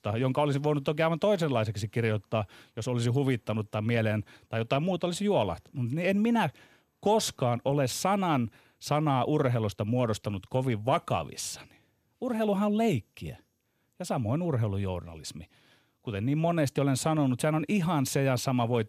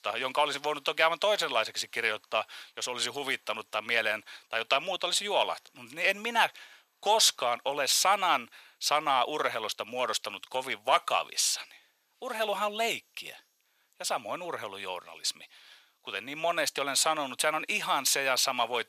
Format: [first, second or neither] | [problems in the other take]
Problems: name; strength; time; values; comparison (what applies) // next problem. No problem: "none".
first | thin; very; fading below 950 Hz